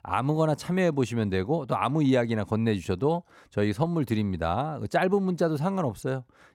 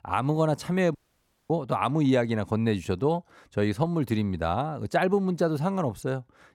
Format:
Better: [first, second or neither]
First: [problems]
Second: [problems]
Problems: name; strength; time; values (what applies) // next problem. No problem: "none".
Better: first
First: none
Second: audio cutting out; at 1 s for 0.5 s